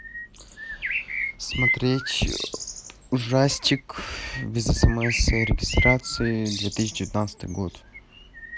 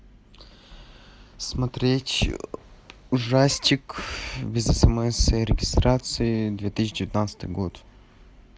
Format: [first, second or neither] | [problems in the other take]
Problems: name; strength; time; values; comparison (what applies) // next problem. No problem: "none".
second | background sound (Bird); 6 dB below the speech